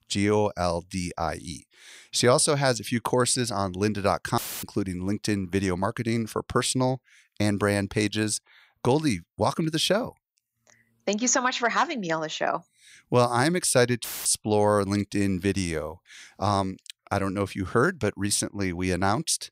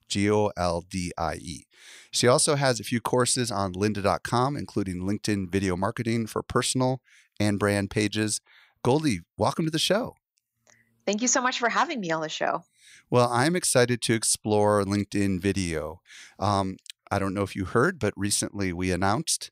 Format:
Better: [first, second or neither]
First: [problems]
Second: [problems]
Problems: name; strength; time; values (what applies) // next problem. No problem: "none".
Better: second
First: audio cutting out; filled with static; at 4.5 s and at 14 s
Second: none